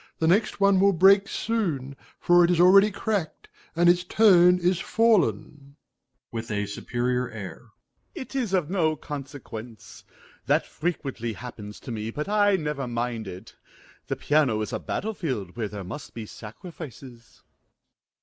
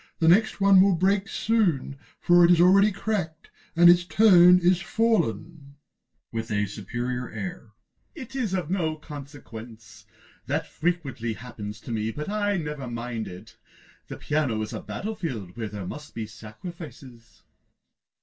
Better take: first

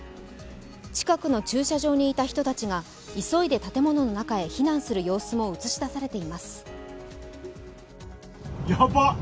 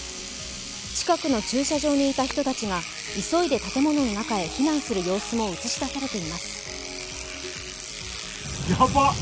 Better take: first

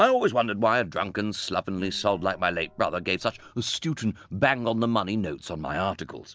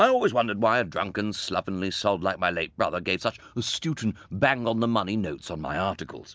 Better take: second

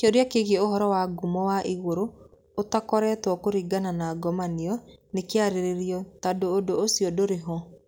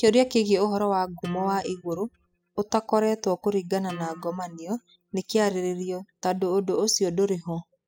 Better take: first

